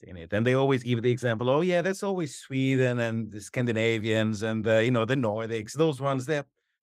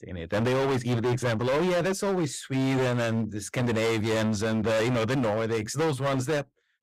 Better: first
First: none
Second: distortion; heavy; 28% of the sound clipped

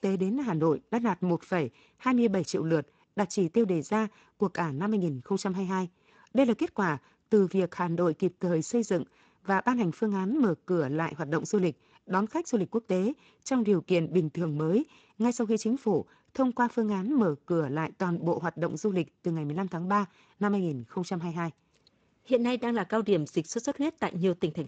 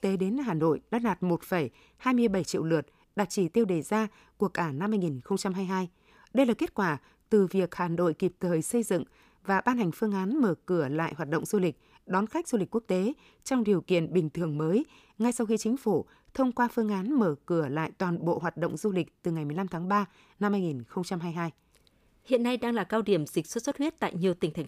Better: second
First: garbled, watery; slightly; nothing above 7.5 kHz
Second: none

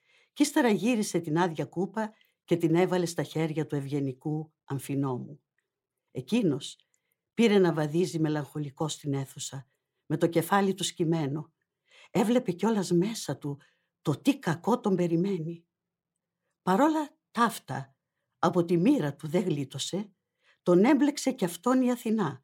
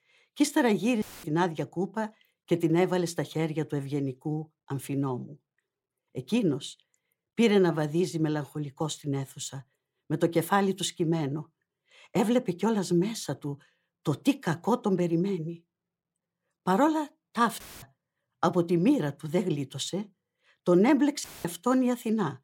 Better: first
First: none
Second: audio cutting out; filled with static; at 1 s, at 18 s and at 21 s

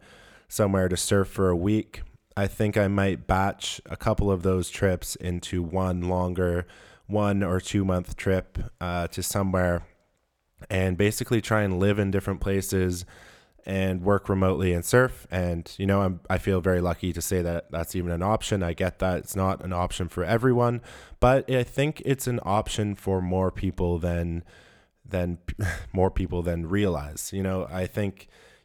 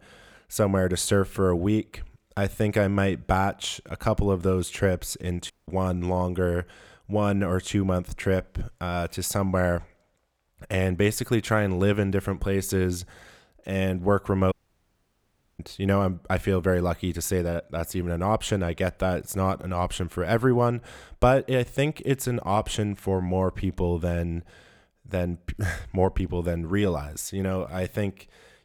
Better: first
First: none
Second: audio cutting out; at 5.5 s and at 15 s for 1 s

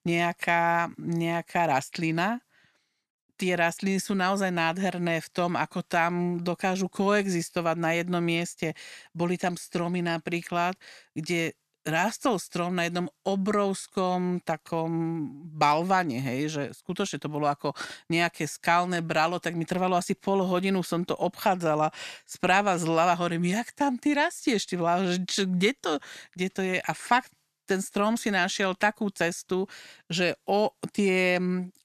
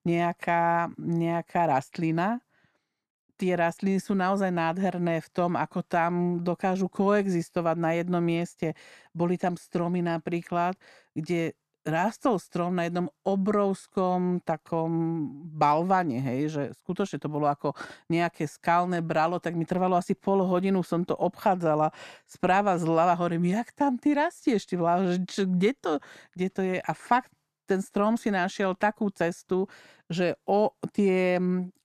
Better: first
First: none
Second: muffled; slightly; fading above 1.5 kHz

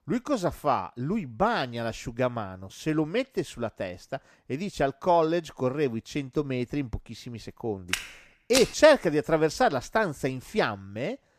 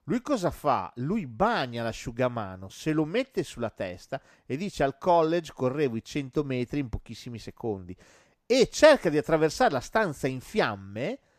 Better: second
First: footsteps; noticeable; at 8 s; peak 2 dB below the speech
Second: none

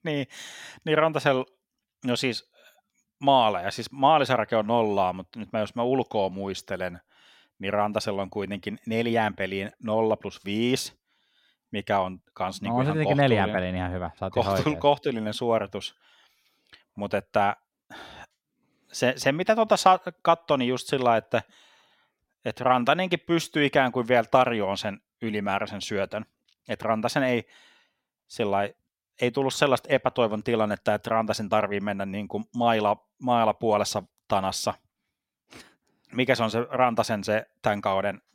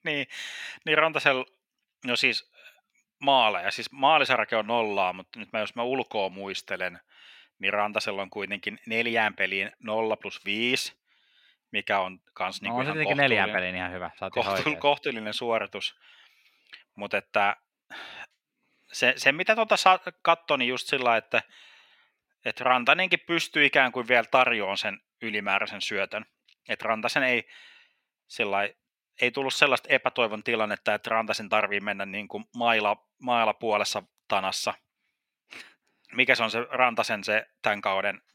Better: first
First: none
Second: thin; very slightly; fading below 550 Hz

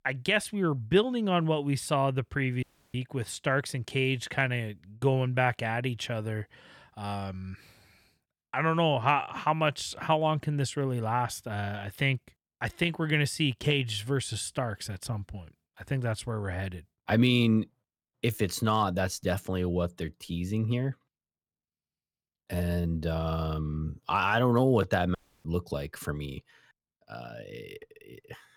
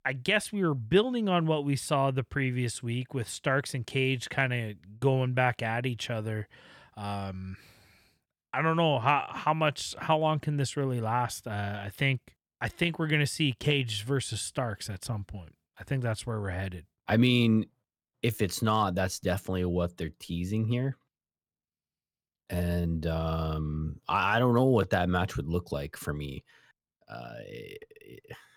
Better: second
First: audio cutting out; at 2.5 s and at 25 s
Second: none

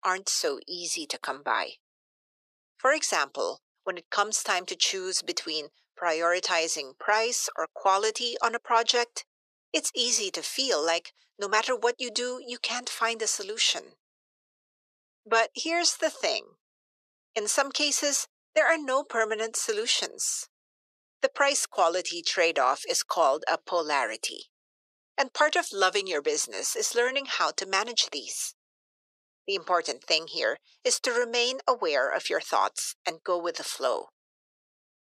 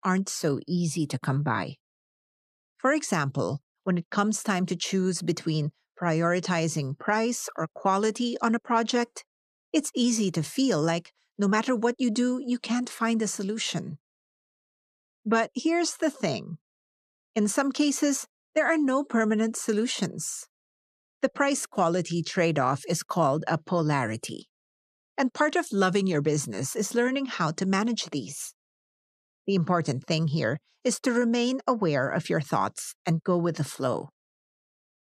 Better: second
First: thin; very; fading below 450 Hz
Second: none

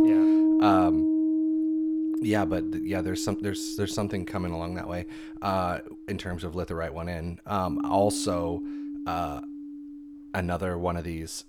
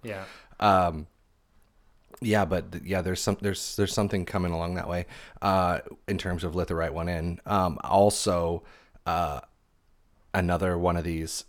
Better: second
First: background music; very loud; throughout; 3 dB above the speech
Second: none

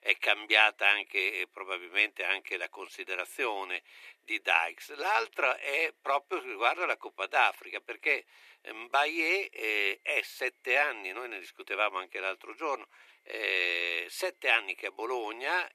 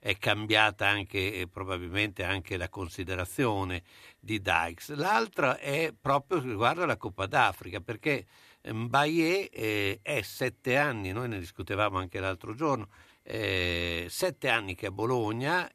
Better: second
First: thin; very; fading below 350 Hz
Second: none

